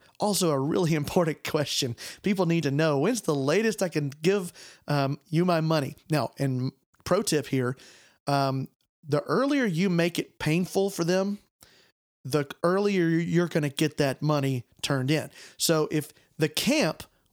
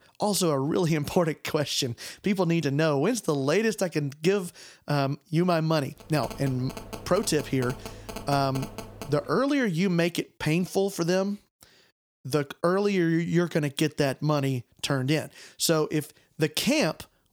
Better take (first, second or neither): first